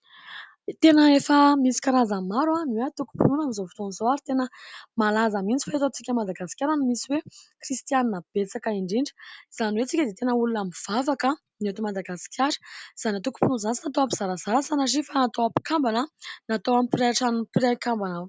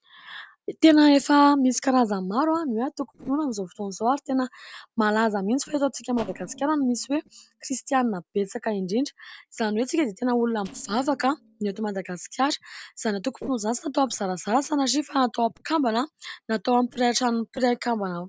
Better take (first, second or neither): first